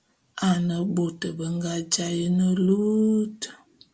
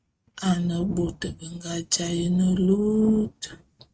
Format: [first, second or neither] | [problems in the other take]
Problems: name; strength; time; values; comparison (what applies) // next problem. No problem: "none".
first | noise reduction (neural mask model RNNoise)